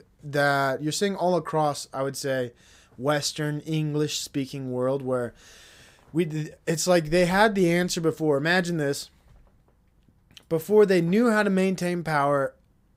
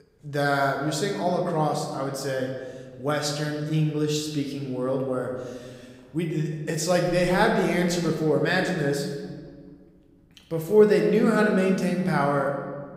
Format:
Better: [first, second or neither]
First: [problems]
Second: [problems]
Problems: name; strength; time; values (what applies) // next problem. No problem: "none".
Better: first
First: none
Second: room echo; noticeable; dies away in 1.4 s